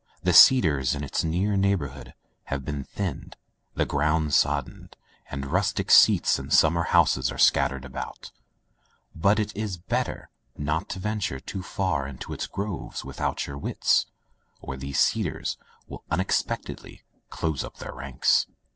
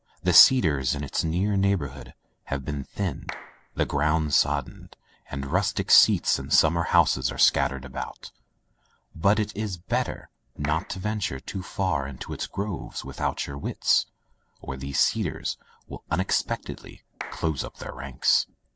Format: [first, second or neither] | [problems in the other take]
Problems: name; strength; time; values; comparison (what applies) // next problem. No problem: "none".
first | background sound (Clapping); 16 dB below the speech